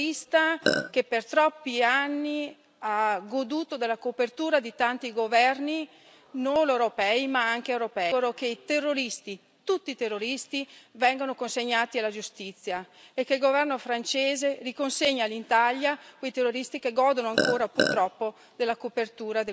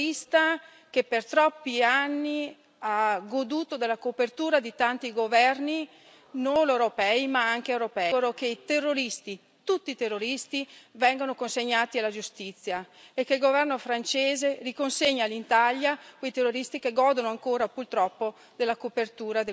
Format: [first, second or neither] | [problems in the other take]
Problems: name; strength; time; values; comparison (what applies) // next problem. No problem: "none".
second | background sound (Burping, eructation); 1 dB above the speech